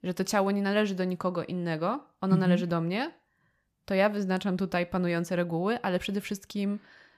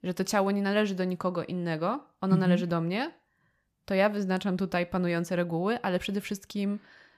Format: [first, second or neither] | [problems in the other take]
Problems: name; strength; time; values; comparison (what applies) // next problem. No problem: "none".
neither | none